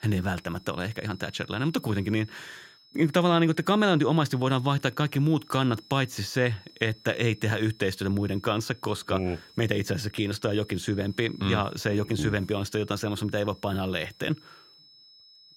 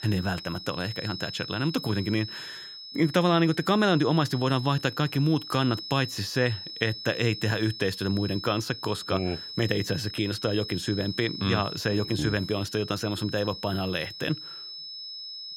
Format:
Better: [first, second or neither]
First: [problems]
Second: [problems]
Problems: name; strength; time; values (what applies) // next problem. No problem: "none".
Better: first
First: high-pitched whine; faint; throughout; 5 kHz, 25 dB below the speech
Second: high-pitched whine; loud; throughout; 5 kHz, 10 dB below the speech